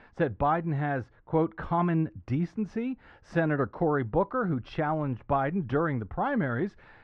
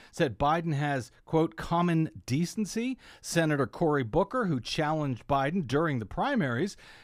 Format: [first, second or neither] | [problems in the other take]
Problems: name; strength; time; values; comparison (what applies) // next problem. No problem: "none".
second | muffled; very; fading above 1.5 kHz